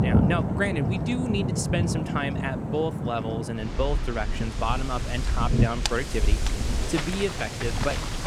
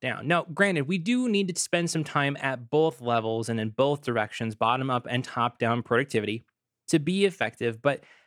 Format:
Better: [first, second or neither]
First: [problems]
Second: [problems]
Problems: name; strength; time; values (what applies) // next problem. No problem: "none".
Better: second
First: rain or running water; very loud; throughout; 2 dB above the speech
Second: none